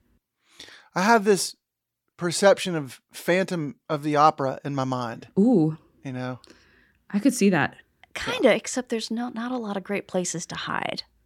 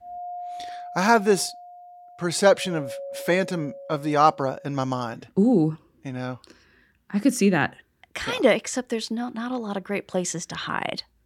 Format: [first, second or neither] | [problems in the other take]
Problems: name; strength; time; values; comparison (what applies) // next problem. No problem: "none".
first | doorbell; faint; until 5 s; peak 10 dB below the speech